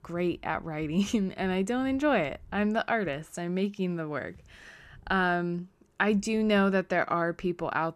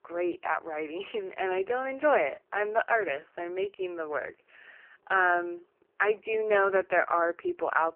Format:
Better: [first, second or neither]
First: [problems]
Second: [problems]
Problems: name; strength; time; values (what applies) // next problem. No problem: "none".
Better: first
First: none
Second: phone-call audio; poor line; nothing above 3 kHz